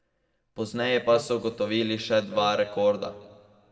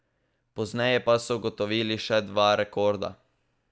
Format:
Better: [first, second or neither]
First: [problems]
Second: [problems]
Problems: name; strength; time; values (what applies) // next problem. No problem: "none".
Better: second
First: background sound (Wind instrument, woodwind instrument); 15 dB below the speech // room echo; dies away in 1.4 s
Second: none